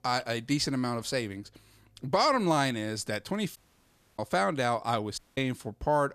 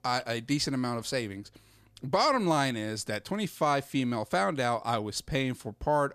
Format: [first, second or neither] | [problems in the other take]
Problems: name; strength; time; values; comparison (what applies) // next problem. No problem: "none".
second | audio cutting out; at 3.5 s for 0.5 s and at 5 s